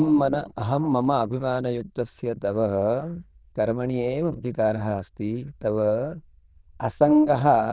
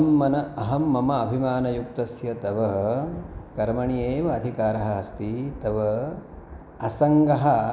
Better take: second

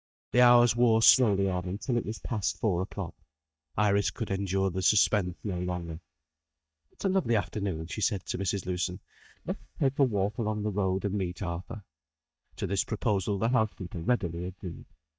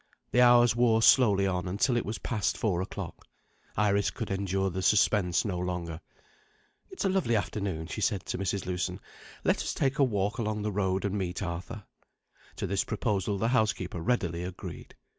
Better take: second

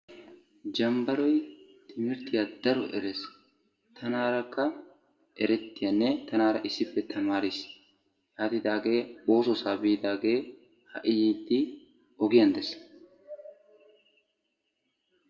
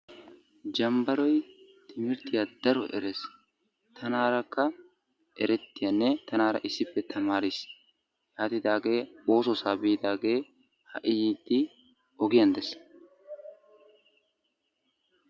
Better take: second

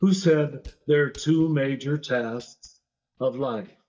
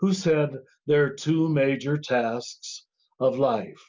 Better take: second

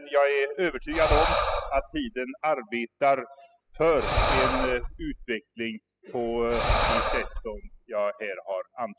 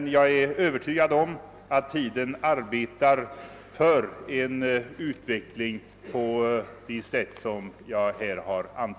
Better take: second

